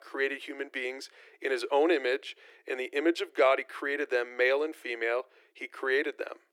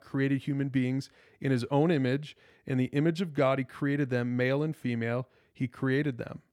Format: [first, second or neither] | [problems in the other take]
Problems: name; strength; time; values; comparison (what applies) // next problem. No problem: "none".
second | thin; very; fading below 350 Hz